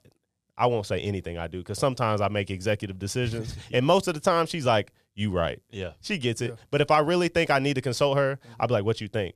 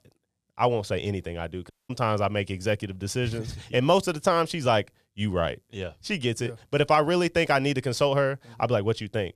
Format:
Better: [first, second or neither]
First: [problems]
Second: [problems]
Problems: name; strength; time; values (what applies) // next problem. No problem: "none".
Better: first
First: none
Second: audio cutting out; at 1.5 s